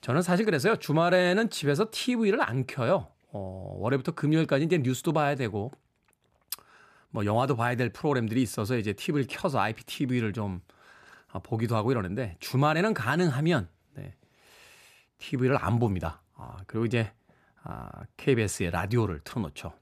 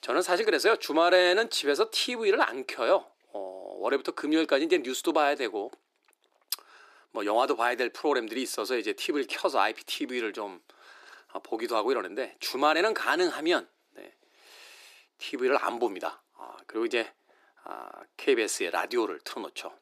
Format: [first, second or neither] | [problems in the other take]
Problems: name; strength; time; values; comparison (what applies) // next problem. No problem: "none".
first | thin; very; fading below 300 Hz